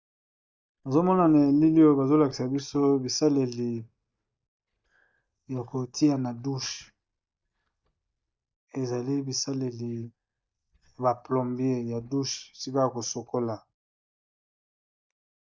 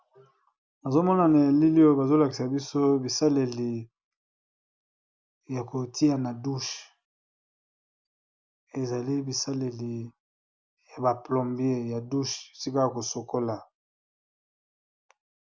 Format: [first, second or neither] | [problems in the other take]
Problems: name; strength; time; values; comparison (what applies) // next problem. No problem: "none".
second | noise reduction (neural mask model DeepFilterNet 3)